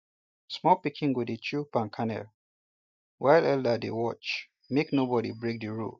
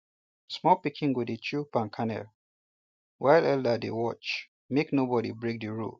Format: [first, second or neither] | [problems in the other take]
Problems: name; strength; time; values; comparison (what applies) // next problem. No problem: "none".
second | noise reduction (neural mask model DeepFilterNet 3)